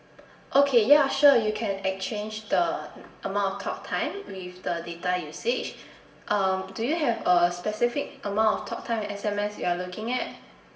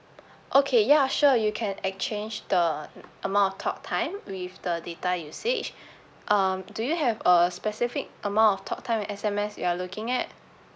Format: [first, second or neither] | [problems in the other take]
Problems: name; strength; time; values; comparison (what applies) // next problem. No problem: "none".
second | room echo; dies away in 0.9 s